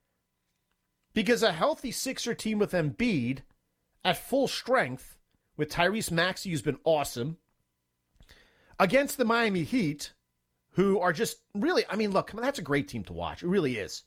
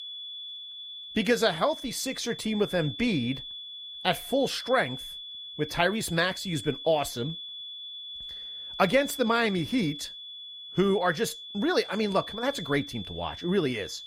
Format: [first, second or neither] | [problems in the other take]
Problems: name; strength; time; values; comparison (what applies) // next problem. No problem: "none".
first | high-pitched whine; noticeable; throughout; 3.5 kHz, 10 dB below the speech